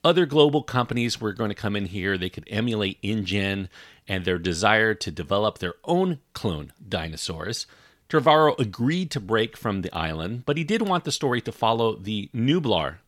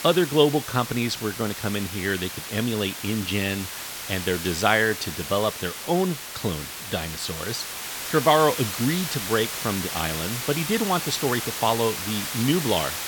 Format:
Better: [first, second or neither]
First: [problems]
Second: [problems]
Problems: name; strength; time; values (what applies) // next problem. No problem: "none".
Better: first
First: none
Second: hiss; loud; throughout; 5 dB below the speech